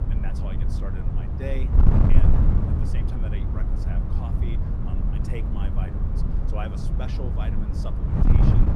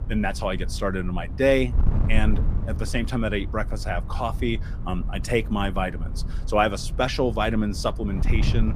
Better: second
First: wind noise on the microphone; heavy; 4 dB above the speech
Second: wind noise on the microphone; occasional gusts; 15 dB below the speech

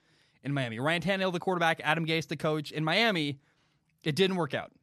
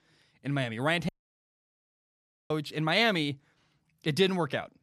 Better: first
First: none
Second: audio cutting out; at 1 s for 1.5 s

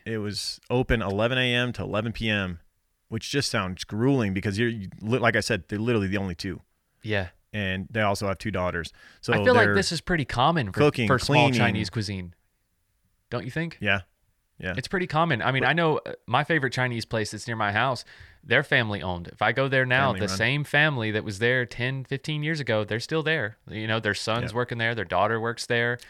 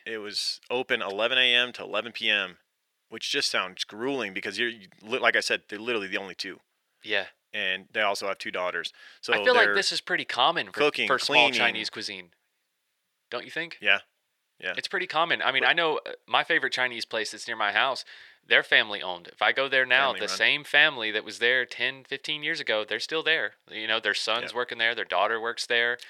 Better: first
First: none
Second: thin; very; fading below 450 Hz

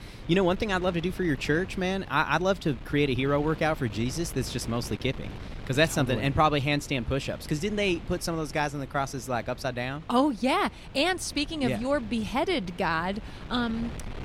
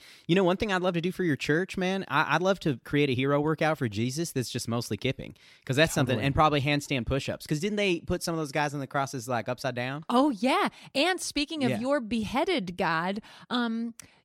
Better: second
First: wind noise on the microphone; occasional gusts; 20 dB below the speech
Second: none

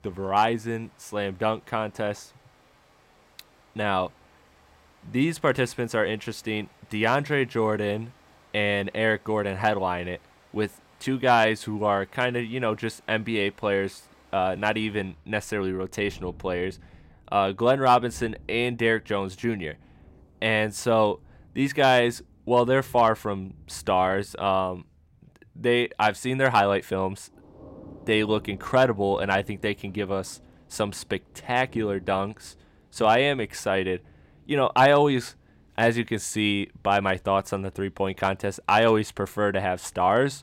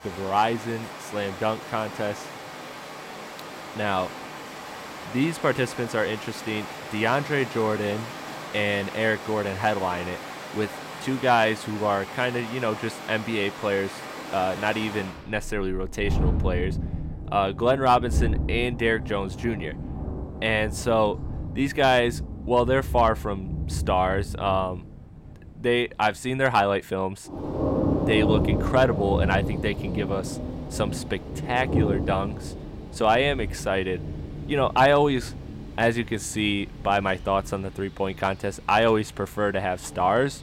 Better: first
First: rain or running water; faint; throughout; 30 dB below the speech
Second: rain or running water; loud; throughout; 7 dB below the speech

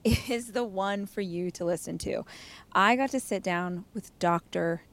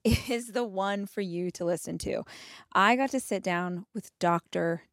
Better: second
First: hiss; faint; throughout; 30 dB below the speech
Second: none

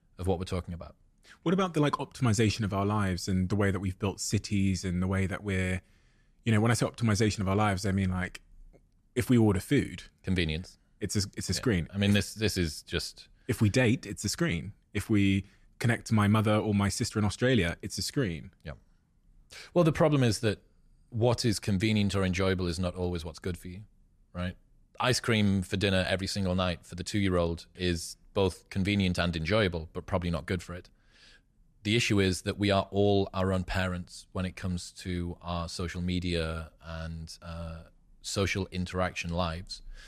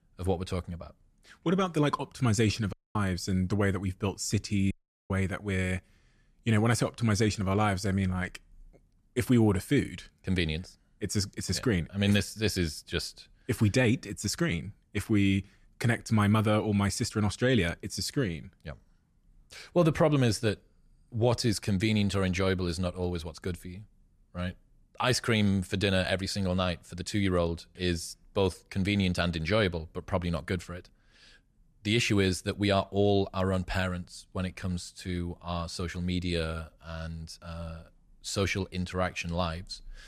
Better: first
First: none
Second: audio cutting out; at 2.5 s and at 4.5 s

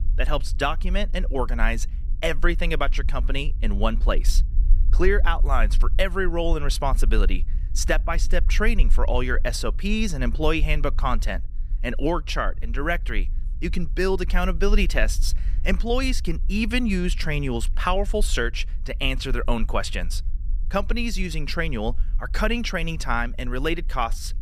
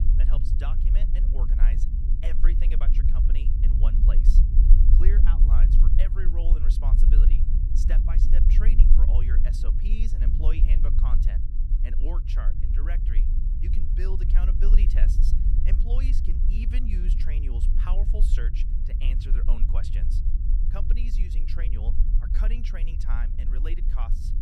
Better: first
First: low rumble; faint; throughout; 25 dB below the speech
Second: low rumble; loud; throughout; 2 dB below the speech

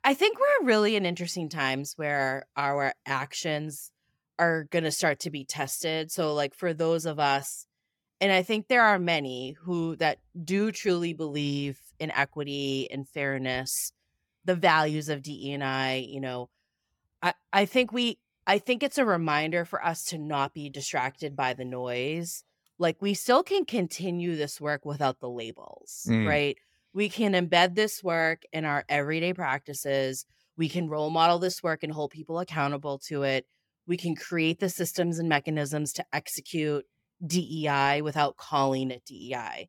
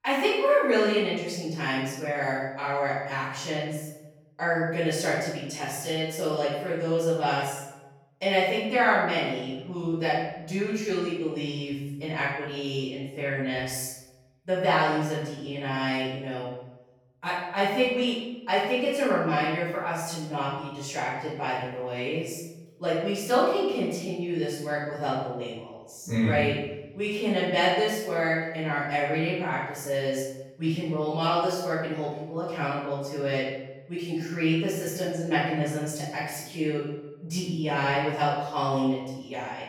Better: first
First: none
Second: room echo; noticeable; dies away in 0.9 s // off-mic speech; far

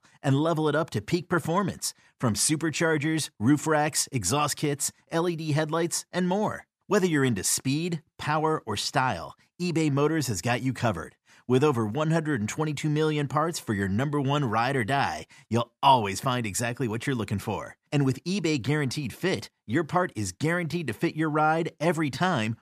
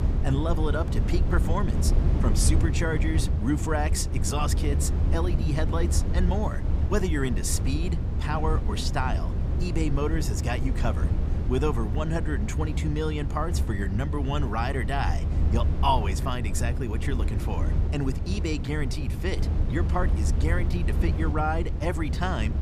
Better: first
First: none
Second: low rumble; loud; throughout; 8 dB below the speech

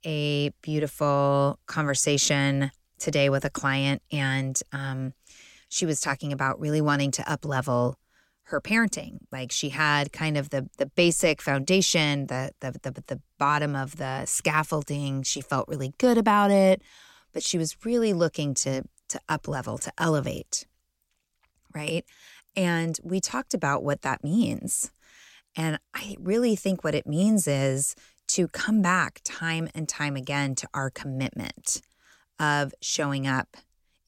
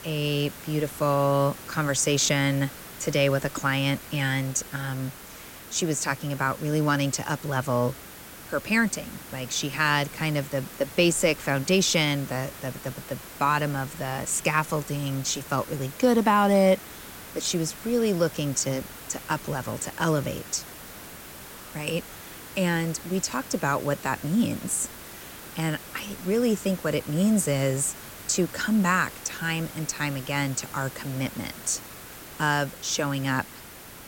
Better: first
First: none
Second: hiss; noticeable; throughout; 15 dB below the speech

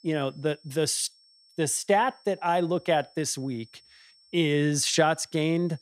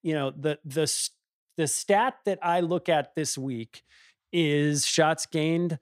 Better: second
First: high-pitched whine; faint; throughout; 5.5 kHz, 30 dB below the speech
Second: none

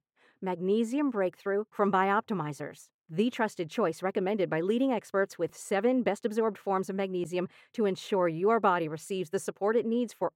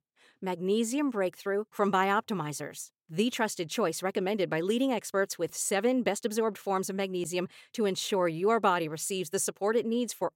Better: second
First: muffled; slightly; fading above 3 kHz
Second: none

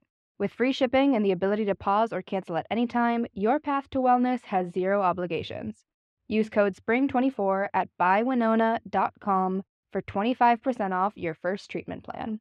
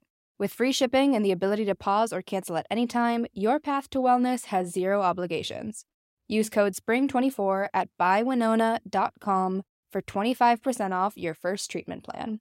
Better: second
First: muffled; slightly; fading above 2.5 kHz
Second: none

